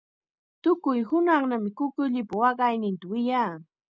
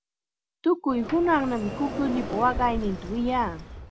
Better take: first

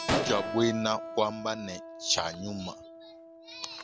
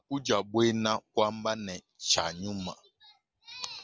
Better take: second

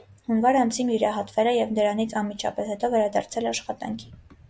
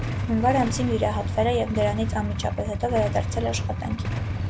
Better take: first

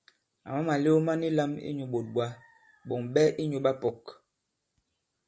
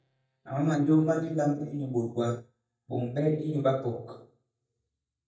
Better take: first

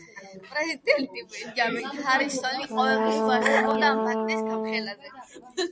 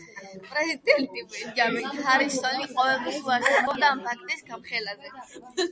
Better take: second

